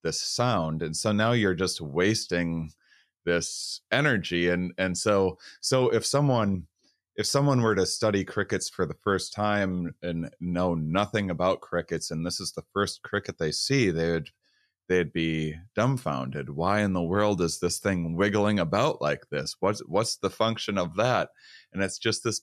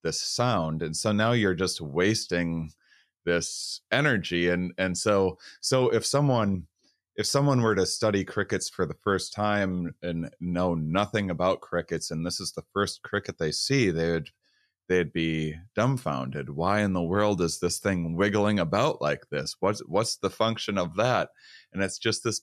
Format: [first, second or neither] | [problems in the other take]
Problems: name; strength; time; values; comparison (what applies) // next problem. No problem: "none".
neither | none